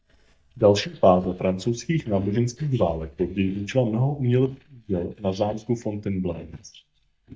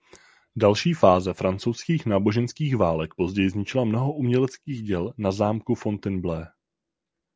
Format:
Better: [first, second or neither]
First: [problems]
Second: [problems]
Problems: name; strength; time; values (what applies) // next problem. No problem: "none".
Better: second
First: noise reduction (neural mask model DeepFilterNet 3)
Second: none